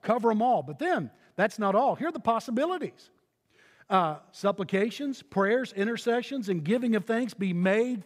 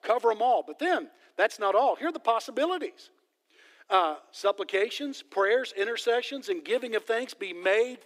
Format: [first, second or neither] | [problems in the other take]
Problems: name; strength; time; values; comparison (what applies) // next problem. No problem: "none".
first | thin; somewhat; fading below 300 Hz